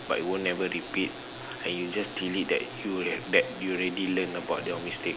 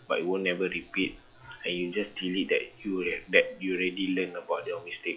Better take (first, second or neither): first